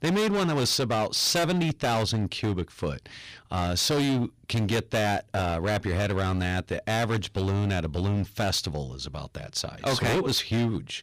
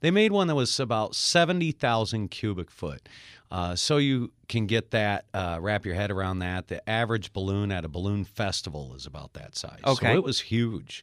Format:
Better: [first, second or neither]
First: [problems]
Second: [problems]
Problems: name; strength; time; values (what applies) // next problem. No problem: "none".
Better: second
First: distortion; heavy; 19% of the sound clipped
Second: none